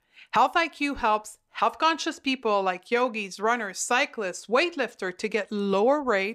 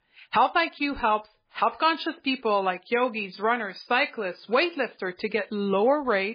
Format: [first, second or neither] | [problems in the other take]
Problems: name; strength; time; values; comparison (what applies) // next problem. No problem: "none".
first | garbled, watery; badly